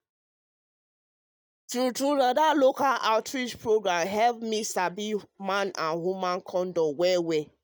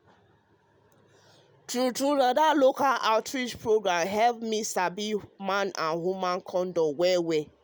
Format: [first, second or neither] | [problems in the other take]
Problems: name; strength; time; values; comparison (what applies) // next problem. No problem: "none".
second | noise reduction (neural mask model DeepFilterNet 3)